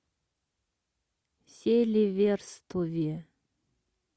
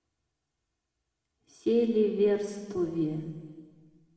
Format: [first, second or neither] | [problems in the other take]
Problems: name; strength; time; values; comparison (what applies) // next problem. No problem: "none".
first | room echo; dies away in 1.6 s